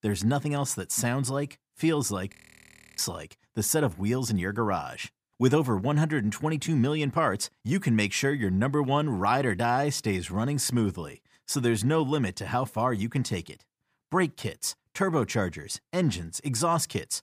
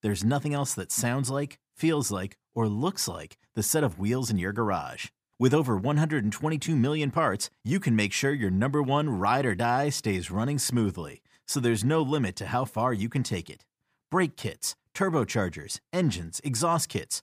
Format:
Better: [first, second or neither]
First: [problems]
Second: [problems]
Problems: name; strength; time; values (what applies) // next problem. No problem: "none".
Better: second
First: audio freezing; at 2.5 s for 0.5 s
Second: none